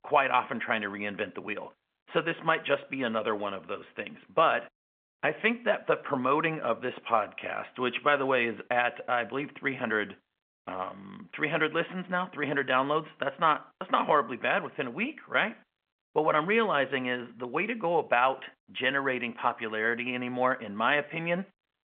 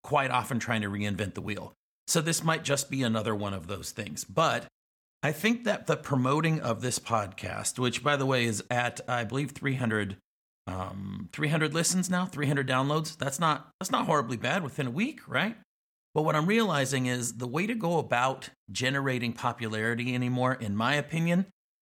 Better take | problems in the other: second | phone-call audio; nothing above 3.5 kHz

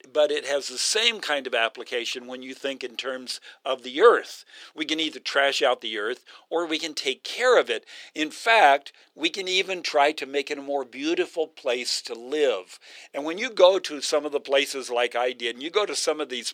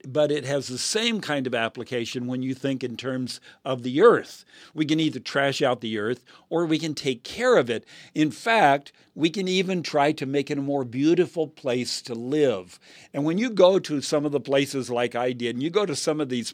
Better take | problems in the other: second | thin; somewhat; fading below 450 Hz

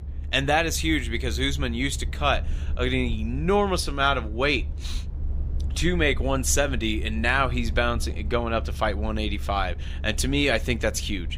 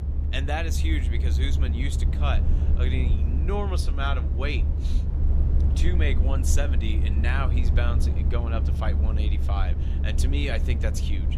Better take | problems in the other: first | low rumble; loud; throughout; 7 dB below the speech; faint in the first

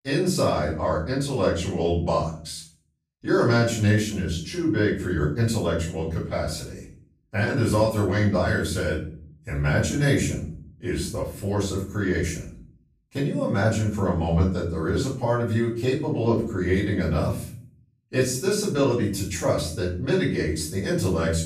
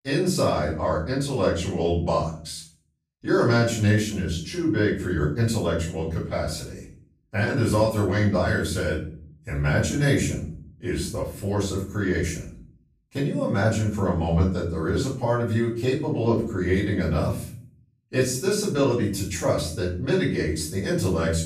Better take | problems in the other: neither | off-mic speech; far; the same in both // room echo; noticeable; dies away in 0.5 s; the same in both

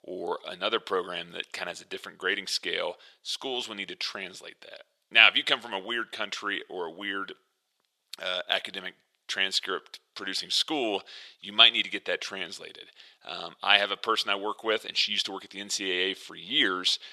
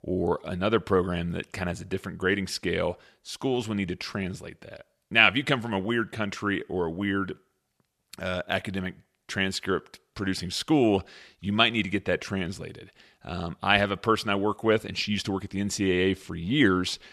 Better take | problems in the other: second | thin; somewhat; fading below 500 Hz

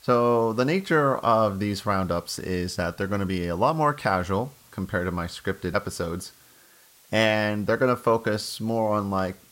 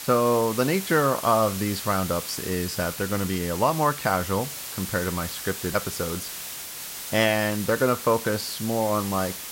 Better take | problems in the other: first | hiss; loud; throughout; 8 dB below the speech; faint in the first

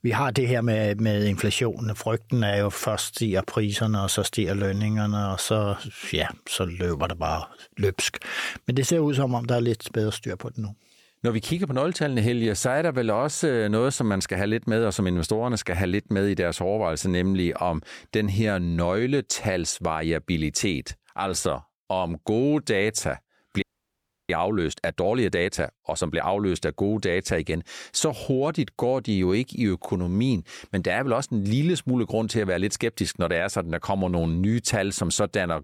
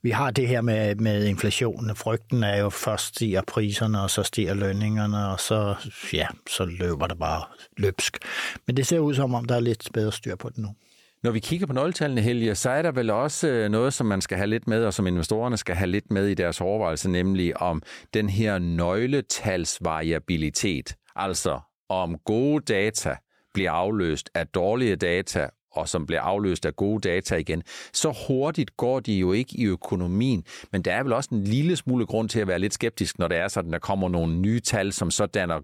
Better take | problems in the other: second | audio freezing; at 24 s for 0.5 s

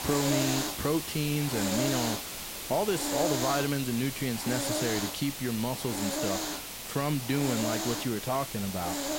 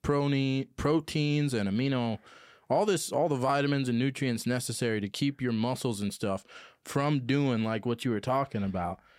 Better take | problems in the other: second | hiss; loud; throughout; 1 dB below the speech

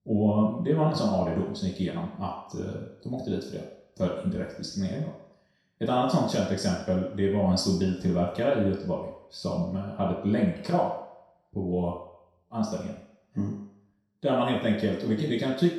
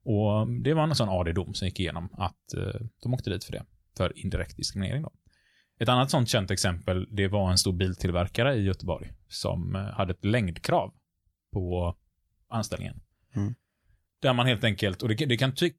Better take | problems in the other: second | room echo; noticeable; dies away in 0.7 s // off-mic speech; far

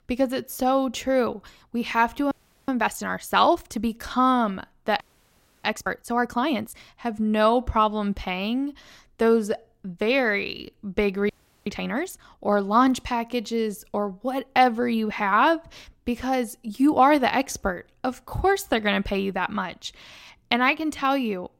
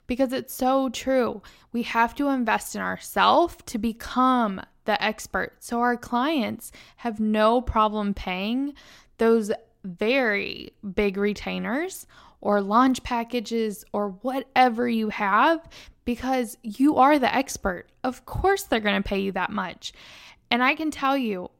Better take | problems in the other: second | audio freezing; at 2.5 s, at 5 s for 0.5 s and at 11 s

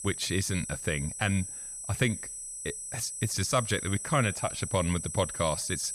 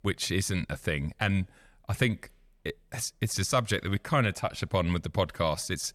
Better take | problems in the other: second | high-pitched whine; loud; throughout; 8 kHz, 6 dB below the speech

